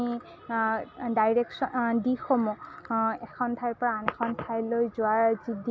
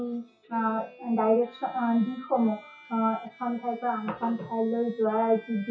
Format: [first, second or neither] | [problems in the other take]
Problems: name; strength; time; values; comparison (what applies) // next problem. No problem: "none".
first | noise reduction (classical method WPE with log-MMSE)